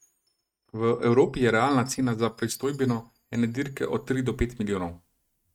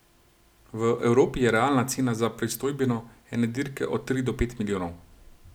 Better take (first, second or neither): second